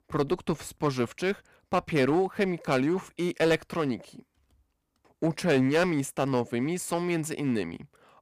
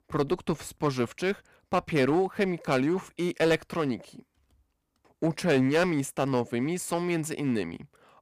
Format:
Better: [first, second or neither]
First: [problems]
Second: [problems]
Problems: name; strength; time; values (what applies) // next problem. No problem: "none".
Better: neither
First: distortion; slight; 5% of the sound clipped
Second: distortion; slight; 5% of the sound clipped